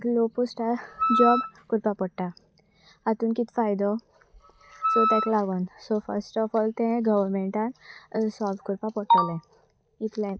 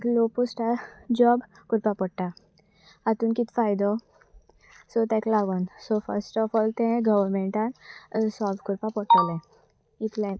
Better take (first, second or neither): second